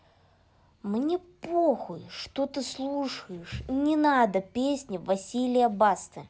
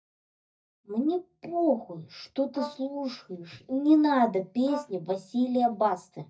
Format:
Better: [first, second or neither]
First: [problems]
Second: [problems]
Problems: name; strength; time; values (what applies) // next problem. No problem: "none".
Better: first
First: none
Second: noise reduction (neural mask model DeepFilterNet 3)